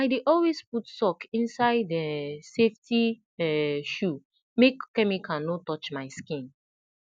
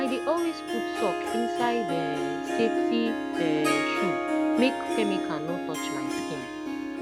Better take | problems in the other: first | background sound (Harp); 3 dB above the speech

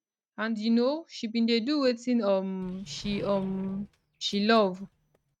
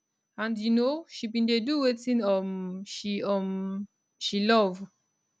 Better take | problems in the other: second | noise reduction (neural mask model RNNoise)

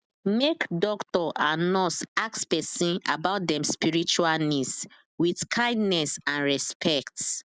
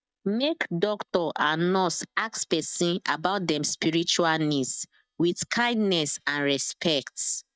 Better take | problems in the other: first | noise reduction (neural mask model DeepFilterNet 3)

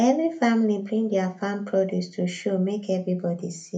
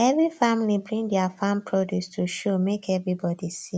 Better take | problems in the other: second | room echo; dies away in 0.3 s

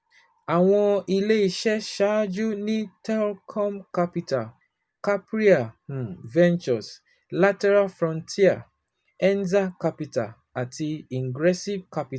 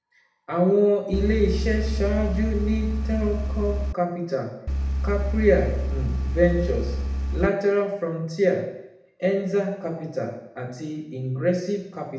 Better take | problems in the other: first | background sound (Engine); as loud as the speech // room echo; dies away in 0.8 s

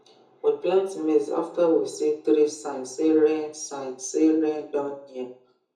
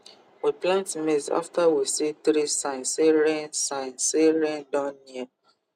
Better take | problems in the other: second | room echo; dies away in 0.6 s

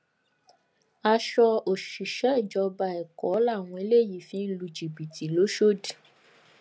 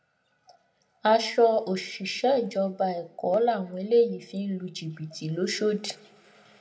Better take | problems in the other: first | room echo; dies away in 0.3 s

